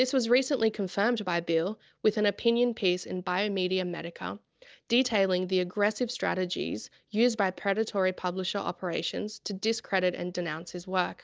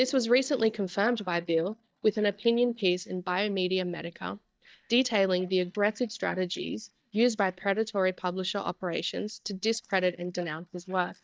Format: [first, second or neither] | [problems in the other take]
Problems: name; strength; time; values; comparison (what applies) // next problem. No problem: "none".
first | noise reduction (neural mask model DeepFilterNet 3)